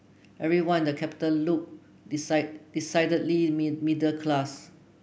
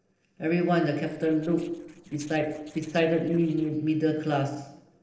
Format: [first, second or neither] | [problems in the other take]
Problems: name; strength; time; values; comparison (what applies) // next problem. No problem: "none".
first | noise reduction (neural separator model SepFormer DNS4)